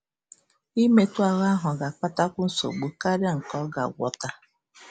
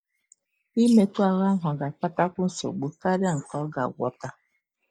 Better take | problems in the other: first | noise reduction (neural mask model DeepFilterNet 3)

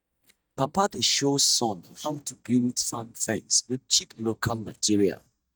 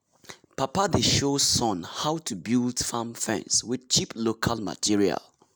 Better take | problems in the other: second | noise reduction (neural mask model DeepFilterNet 3)

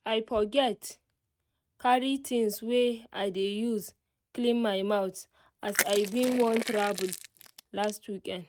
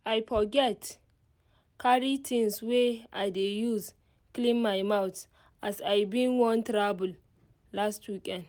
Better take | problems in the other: second | noise reduction (neural mask model RNNoise)

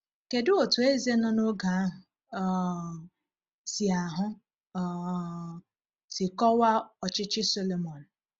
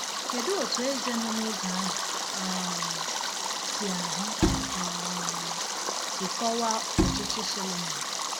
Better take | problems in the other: first | background sound (Stream + Bowed string instrument); 5 dB above the speech

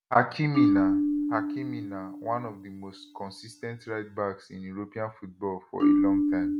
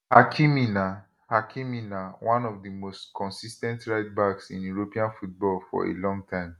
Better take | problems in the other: second | background sound (Marimba, xylophone); 4 dB above the speech

